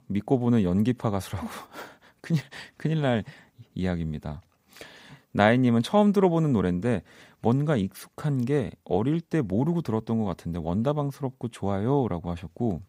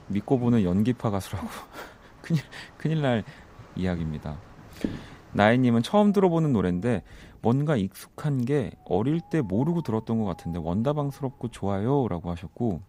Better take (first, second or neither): first